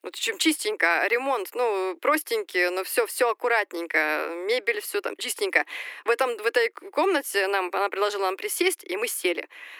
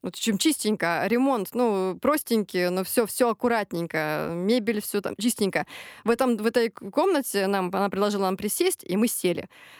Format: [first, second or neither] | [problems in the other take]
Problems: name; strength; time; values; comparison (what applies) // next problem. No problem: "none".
second | thin; very; fading below 300 Hz